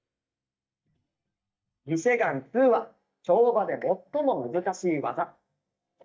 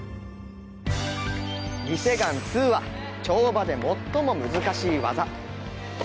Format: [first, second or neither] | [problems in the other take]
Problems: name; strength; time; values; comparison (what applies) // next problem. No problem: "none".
second | noise reduction (neural mask model DeepFilterNet 3)